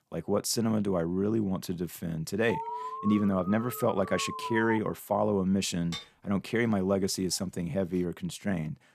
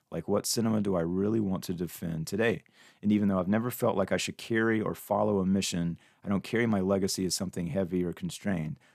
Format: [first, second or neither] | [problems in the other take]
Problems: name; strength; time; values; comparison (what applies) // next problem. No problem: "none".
second | alarm; noticeable; from 2.5 to 5 s; peak 6 dB below the speech // clattering dishes; faint; at 6 s; peak 10 dB below the speech